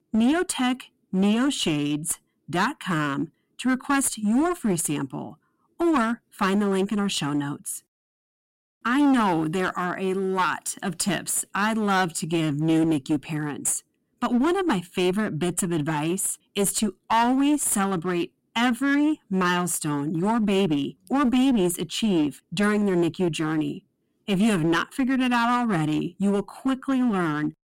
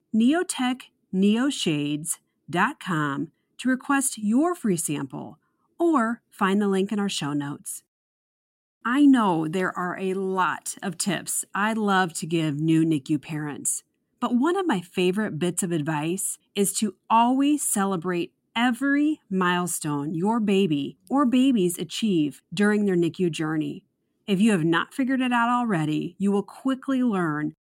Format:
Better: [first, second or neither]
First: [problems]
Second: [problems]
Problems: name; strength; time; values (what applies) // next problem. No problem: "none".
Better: second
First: distortion; slight; 11% of the sound clipped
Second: none